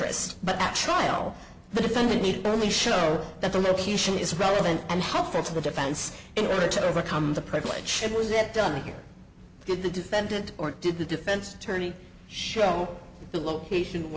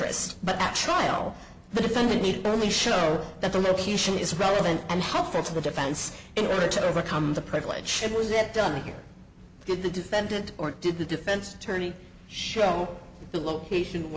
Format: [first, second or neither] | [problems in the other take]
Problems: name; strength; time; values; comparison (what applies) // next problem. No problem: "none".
second | background sound (Snare drum); 18 dB below the speech